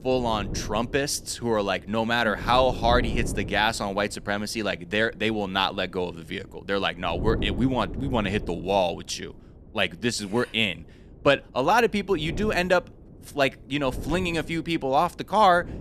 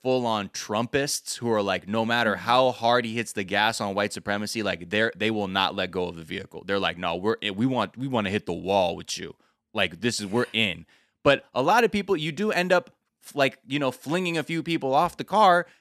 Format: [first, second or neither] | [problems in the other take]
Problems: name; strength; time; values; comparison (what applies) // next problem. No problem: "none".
second | wind noise on the microphone; occasional gusts; 20 dB below the speech